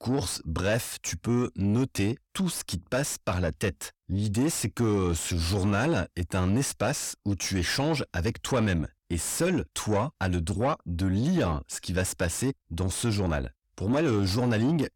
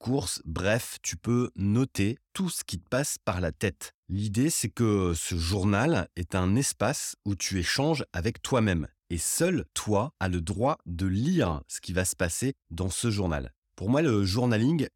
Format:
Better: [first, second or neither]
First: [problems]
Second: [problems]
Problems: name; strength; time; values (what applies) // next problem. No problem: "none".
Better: second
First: distortion; slight; 10 dB below the speech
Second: none